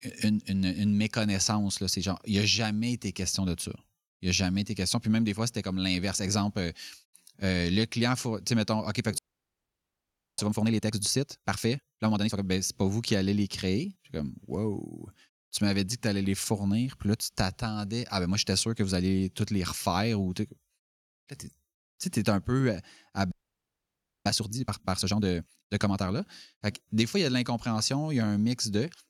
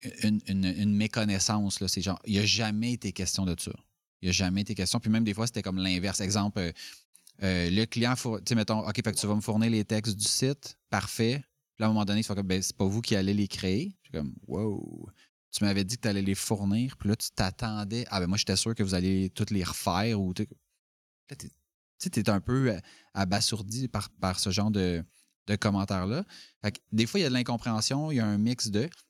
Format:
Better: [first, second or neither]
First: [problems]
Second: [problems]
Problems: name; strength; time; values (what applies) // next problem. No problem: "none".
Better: second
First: audio freezing; at 9 s for 1 s and at 23 s for 1 s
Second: none